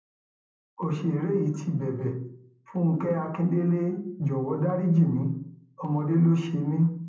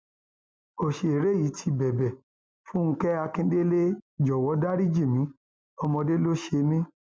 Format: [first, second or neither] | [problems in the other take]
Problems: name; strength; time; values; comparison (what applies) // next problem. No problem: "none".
second | room echo; dies away in 0.6 s